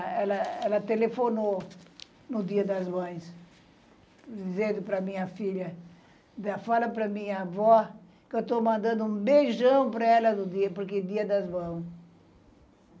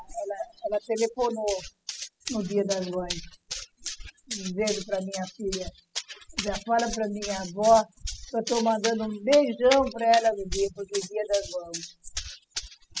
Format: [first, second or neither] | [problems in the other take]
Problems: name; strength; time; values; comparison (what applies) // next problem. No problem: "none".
first | noise reduction (classical method spectral subtraction)